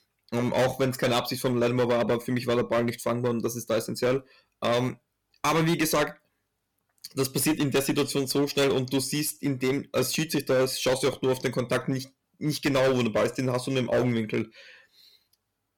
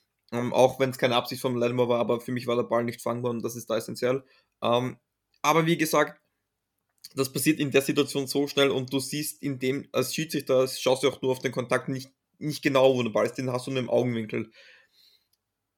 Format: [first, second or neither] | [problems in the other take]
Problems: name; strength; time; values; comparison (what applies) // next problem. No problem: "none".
second | distortion; heavy; 11% of the sound clipped